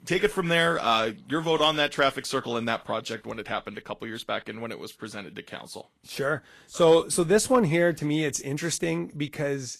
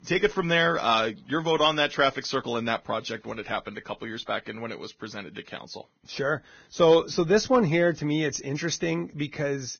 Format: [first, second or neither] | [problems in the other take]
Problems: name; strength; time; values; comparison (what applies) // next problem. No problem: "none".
first | garbled, watery; badly; nothing above 6.5 kHz; slightly in the first